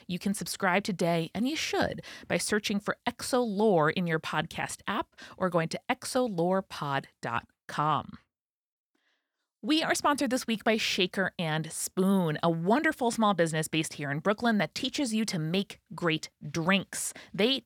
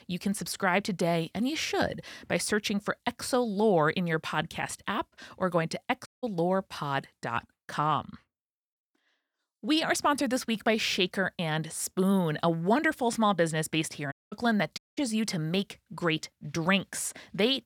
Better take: first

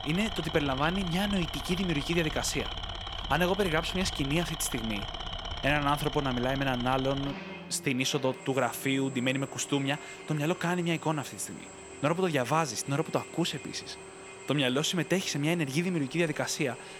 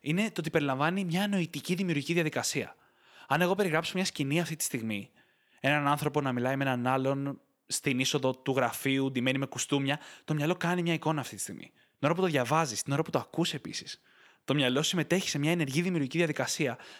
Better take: second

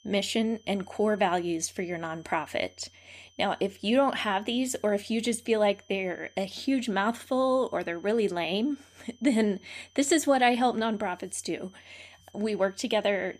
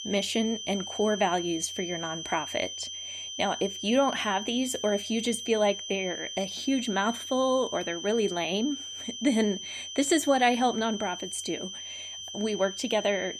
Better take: first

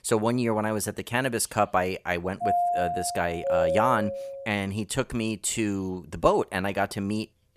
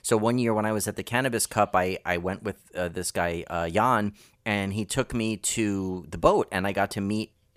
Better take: second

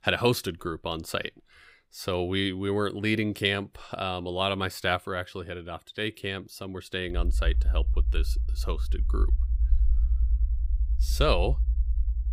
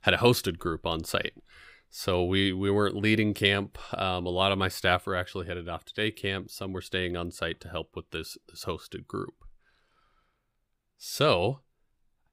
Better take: second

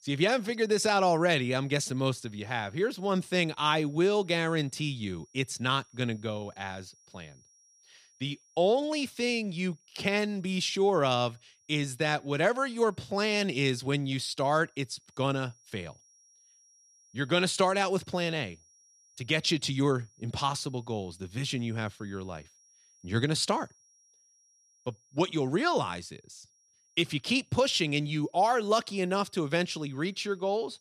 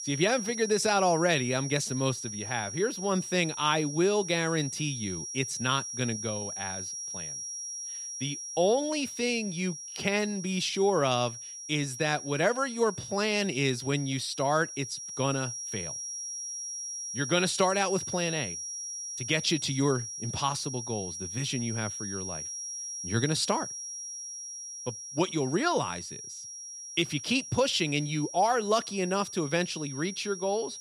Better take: first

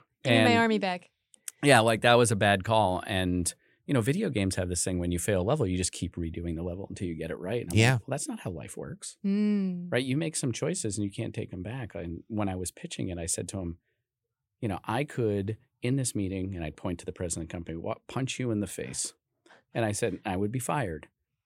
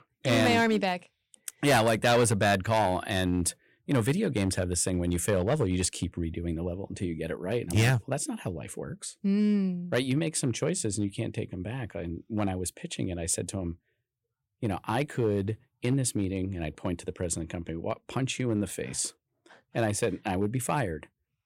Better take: first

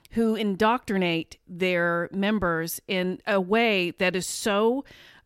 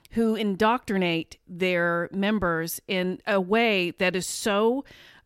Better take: neither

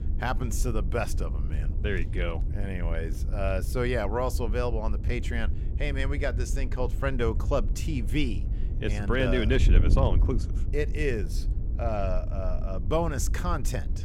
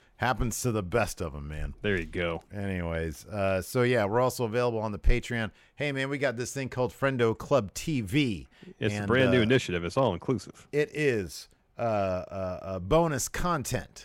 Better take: second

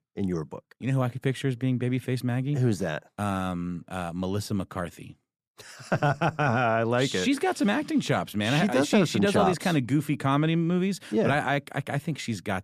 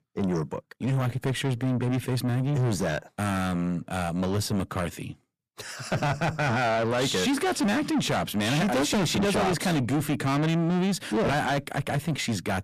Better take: first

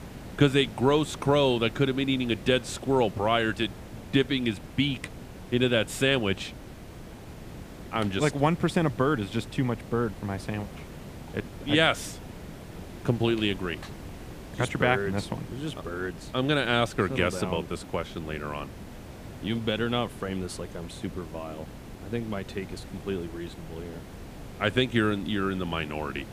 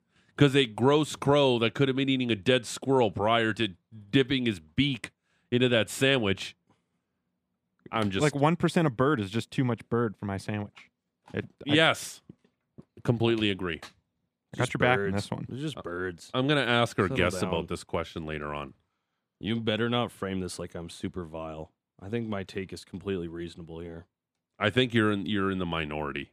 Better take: second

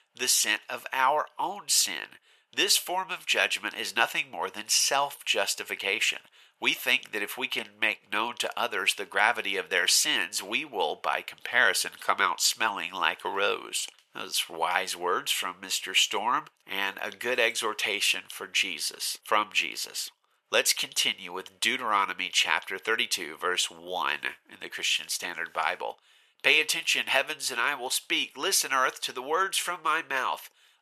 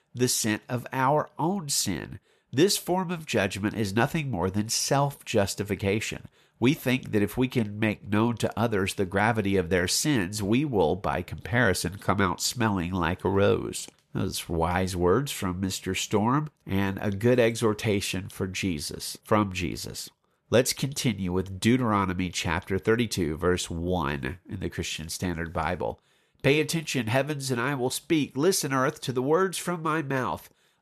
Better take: second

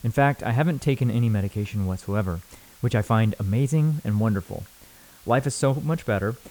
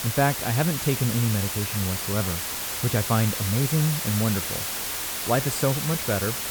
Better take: first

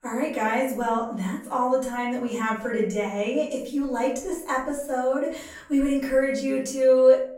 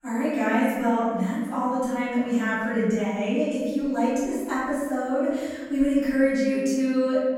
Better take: first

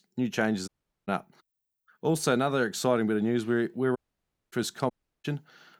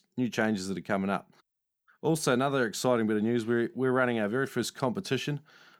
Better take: second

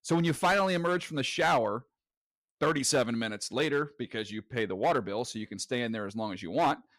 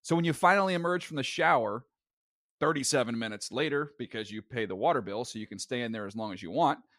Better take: second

